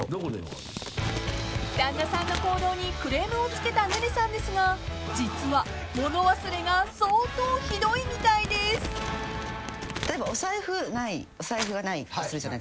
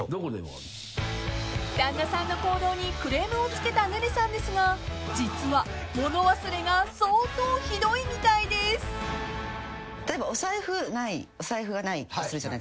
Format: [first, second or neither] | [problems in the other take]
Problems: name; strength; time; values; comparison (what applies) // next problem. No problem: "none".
second | background sound (Crumpling, crinkling); 13 dB below the speech